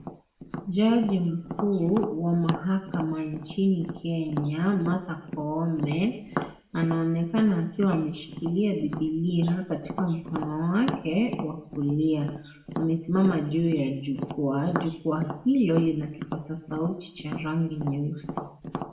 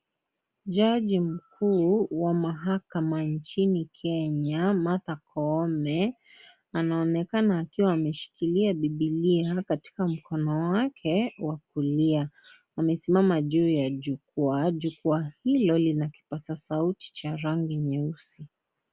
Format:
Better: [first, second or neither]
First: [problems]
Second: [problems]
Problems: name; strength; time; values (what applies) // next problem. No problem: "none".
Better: second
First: background sound (Tap); 11 dB below the speech // room echo; dies away in 0.7 s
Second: none